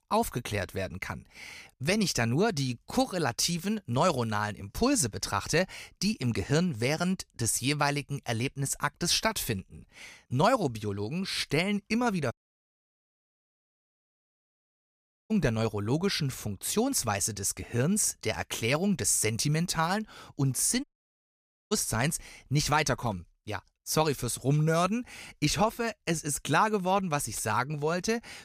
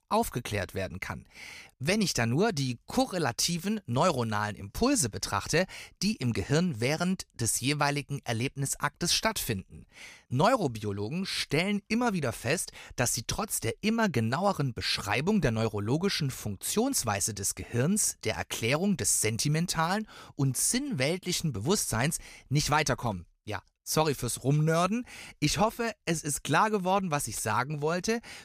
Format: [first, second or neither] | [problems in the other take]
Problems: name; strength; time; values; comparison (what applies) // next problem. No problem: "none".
second | audio cutting out; at 12 s for 3 s and at 21 s for 1 s